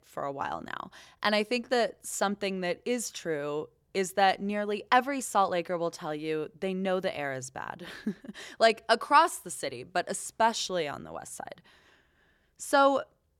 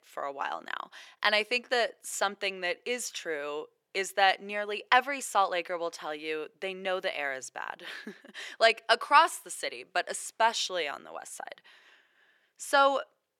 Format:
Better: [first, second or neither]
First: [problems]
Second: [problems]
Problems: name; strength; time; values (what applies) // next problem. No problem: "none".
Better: first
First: none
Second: thin; somewhat; fading below 400 Hz